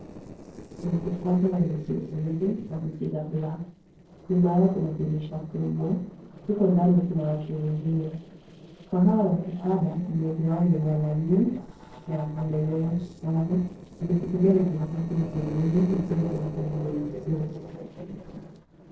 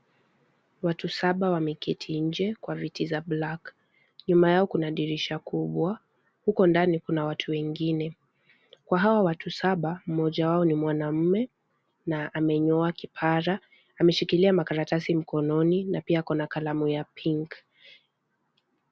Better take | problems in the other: second | noise reduction (neural separator model SepFormer DNS4)

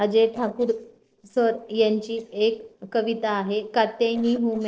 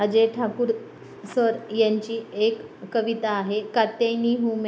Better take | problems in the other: second | noise reduction (neural separator model SepFormer DNS4)

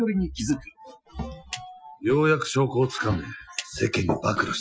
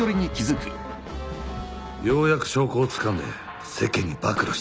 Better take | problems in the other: second | noise reduction (classical method Wiener filter)

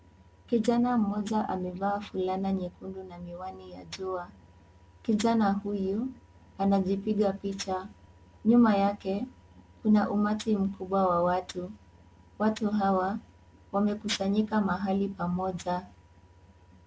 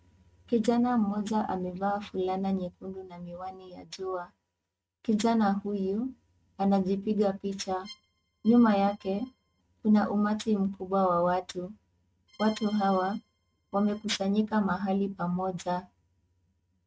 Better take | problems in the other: first | noise reduction (neural mask model RNNoise)

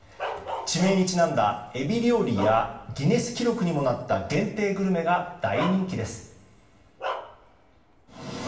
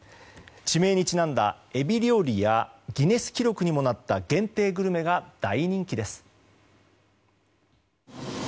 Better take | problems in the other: second | background sound (Bark); 12 dB below the speech // room echo; dies away in 0.8 s

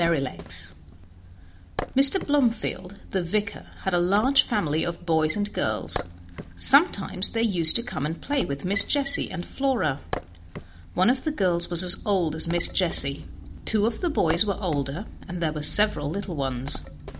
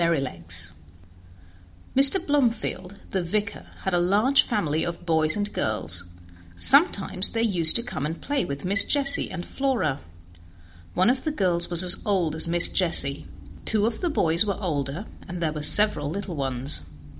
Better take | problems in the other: second | background sound (Wood); 15 dB below the speech

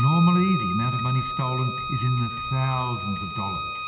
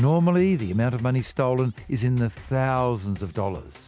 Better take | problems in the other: second | background sound (Bowed string instrument); 5 dB below the speech // room echo; dies away in 2.1 s

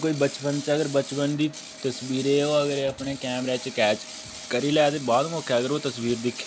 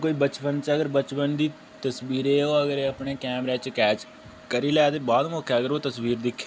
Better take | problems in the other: second | background sound (Ratchet, pawl); 15 dB below the speech

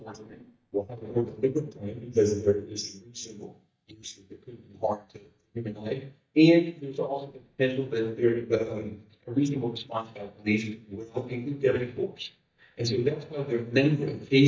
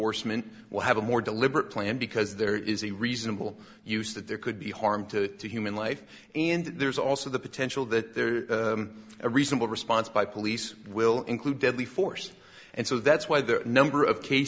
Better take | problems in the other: second | noise reduction (neural mask model DeepFilterNet 3)

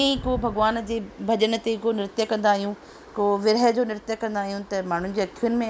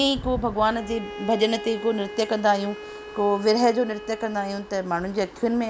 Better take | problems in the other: first | background sound (Bowed string instrument); 15 dB below the speech

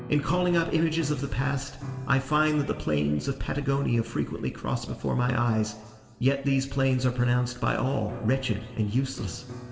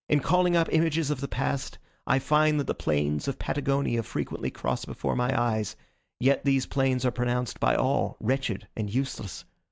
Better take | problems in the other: second | background sound (Piano); 17 dB below the speech // room echo; dies away in 1.7 s

